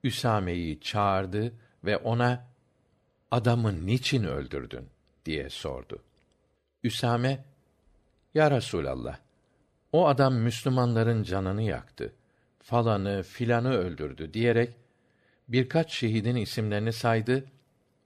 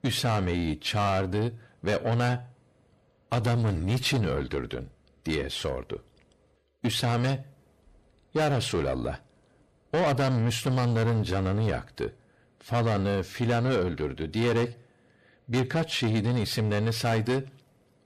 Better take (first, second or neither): first